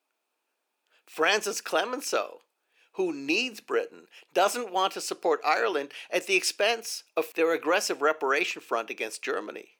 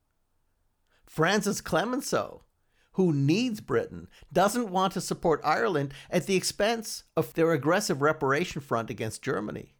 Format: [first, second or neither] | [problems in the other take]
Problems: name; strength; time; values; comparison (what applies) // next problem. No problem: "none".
second | thin; somewhat; fading below 350 Hz